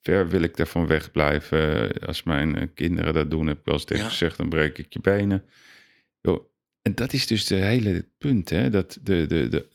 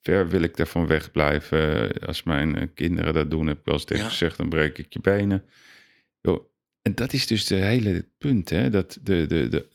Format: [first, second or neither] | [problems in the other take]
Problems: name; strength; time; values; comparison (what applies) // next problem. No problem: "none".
neither | none